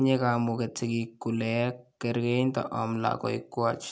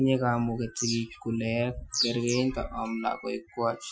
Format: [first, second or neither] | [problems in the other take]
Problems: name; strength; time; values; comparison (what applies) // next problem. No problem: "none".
first | noise reduction (classical method Wiener filter)